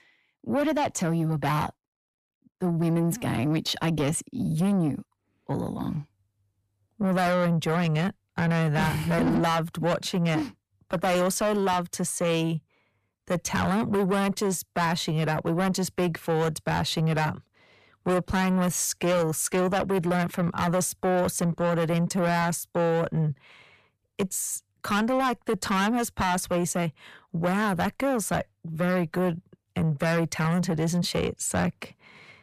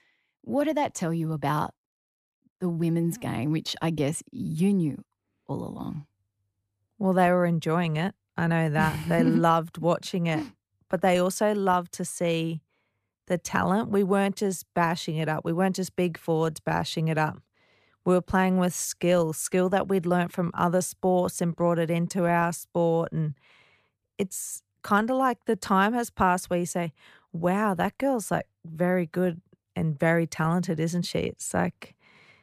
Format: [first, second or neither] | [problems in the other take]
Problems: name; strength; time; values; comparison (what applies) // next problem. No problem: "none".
second | distortion; heavy; 7 dB below the speech